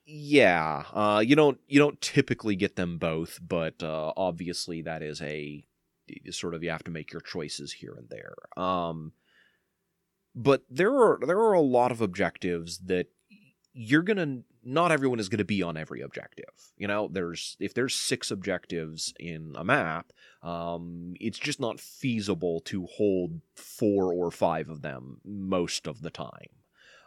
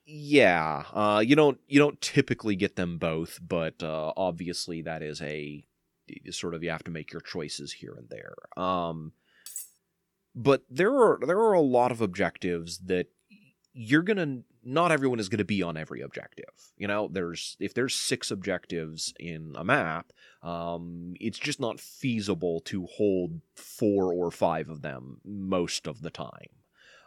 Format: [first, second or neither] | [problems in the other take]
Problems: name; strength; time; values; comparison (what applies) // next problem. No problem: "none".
first | clattering dishes; faint; at 9.5 s; peak 10 dB below the speech